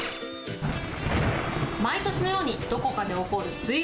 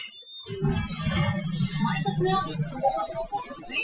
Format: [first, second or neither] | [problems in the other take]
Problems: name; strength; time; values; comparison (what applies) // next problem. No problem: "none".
first | noise reduction (classical method Wiener filter)